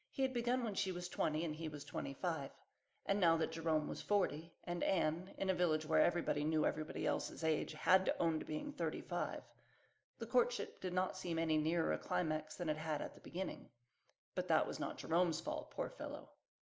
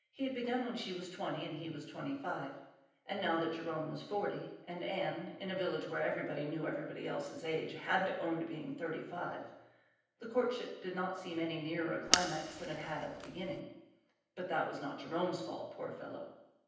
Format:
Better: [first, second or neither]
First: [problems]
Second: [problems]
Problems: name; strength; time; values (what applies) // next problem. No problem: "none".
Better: first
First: none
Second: background sound (Fire); 1 dB above the speech // room echo; dies away in 0.9 s